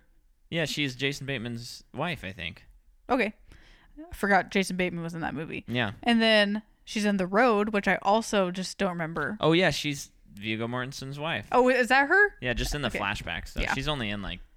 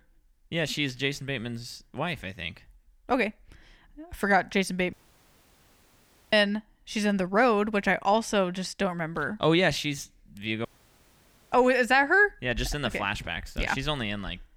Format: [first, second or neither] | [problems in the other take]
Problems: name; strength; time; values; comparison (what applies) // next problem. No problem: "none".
first | audio cutting out; at 5 s for 1.5 s and at 11 s for 1 s